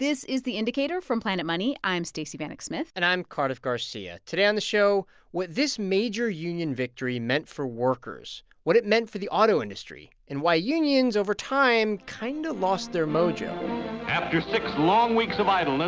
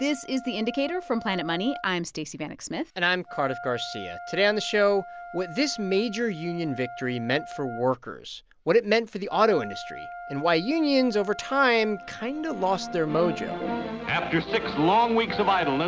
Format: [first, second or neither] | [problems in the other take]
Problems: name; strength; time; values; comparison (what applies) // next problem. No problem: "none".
first | background sound (Wind instrument, woodwind instrument); 15 dB below the speech